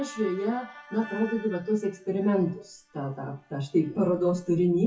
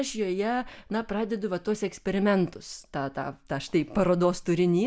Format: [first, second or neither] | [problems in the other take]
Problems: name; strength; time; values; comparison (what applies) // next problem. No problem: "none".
second | noise reduction (classical method WPE with log-MMSE)